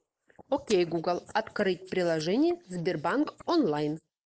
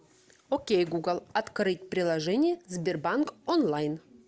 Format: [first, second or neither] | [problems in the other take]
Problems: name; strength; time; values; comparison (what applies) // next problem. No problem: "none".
second | noise reduction (neural mask model Resemble Enhance denoiser)